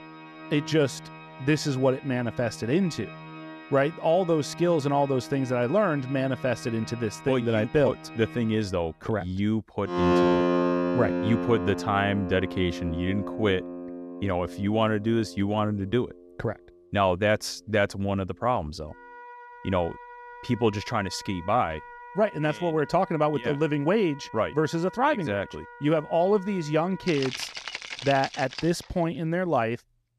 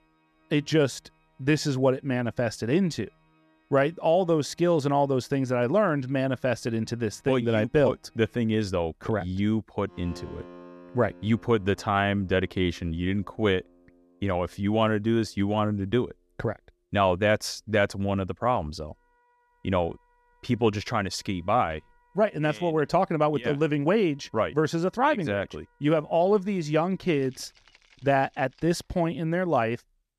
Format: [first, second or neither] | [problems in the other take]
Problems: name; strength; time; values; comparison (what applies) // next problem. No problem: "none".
second | background music; loud; throughout; 8 dB below the speech; faint in the second